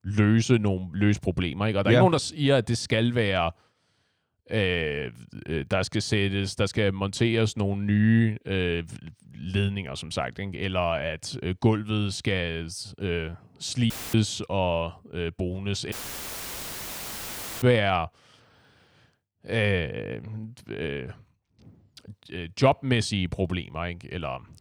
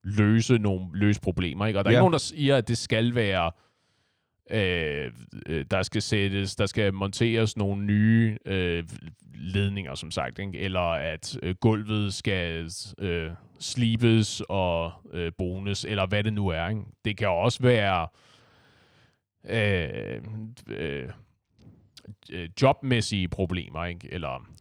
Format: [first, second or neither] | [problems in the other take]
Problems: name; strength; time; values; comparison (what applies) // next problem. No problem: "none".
second | audio cutting out; filled with static; at 14 s and at 16 s for 1.5 s